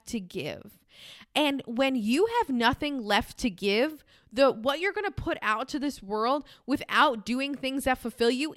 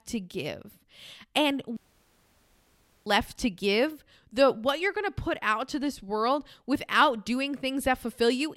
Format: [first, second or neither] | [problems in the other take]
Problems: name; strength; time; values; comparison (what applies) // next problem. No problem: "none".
first | audio cutting out; at 2 s for 1.5 s